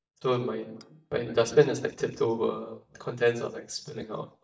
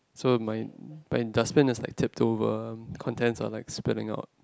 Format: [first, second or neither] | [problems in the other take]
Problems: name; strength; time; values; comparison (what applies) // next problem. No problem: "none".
second | noise reduction (neural mask model DeepFilterNet 3)